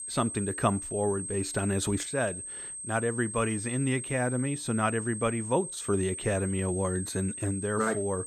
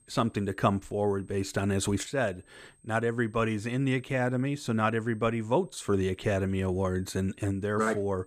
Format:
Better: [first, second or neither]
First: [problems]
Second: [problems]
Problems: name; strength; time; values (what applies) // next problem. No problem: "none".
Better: second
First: high-pitched whine; loud; throughout; 8.5 kHz, 6 dB below the speech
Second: high-pitched whine; faint; throughout; 8.5 kHz, 35 dB below the speech